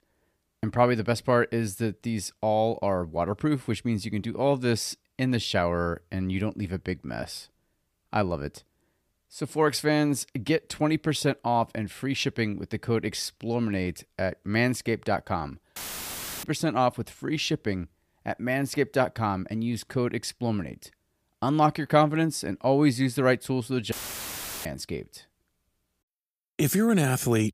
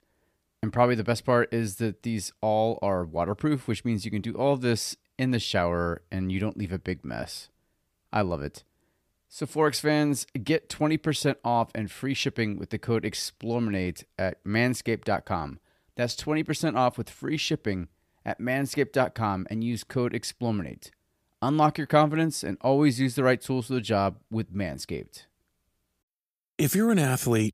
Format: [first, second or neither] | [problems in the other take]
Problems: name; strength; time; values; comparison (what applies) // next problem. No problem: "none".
second | audio cutting out; filled with static; at 16 s for 0.5 s and at 24 s for 0.5 s